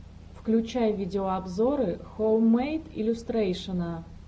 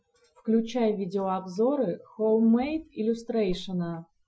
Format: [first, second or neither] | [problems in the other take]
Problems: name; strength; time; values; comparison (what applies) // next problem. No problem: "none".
first | noise reduction (classical method Wiener filter)